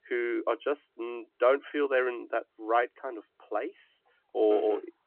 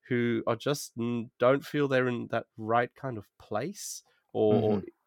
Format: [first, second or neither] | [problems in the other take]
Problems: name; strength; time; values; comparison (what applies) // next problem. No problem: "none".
second | phone-call audio